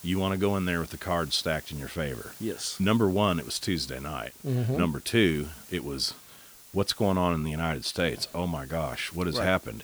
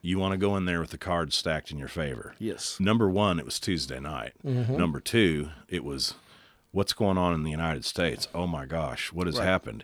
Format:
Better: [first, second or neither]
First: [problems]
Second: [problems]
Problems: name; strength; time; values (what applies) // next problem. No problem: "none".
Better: second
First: hiss; noticeable; throughout; 20 dB below the speech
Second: none